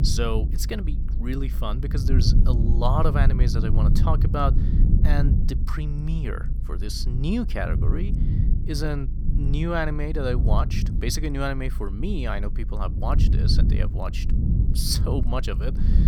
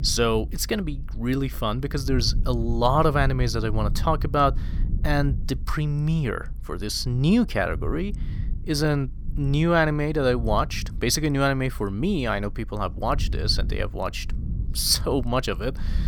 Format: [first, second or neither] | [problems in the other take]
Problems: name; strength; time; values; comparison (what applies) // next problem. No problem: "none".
second | low rumble; loud; throughout; 8 dB below the speech; faint in the second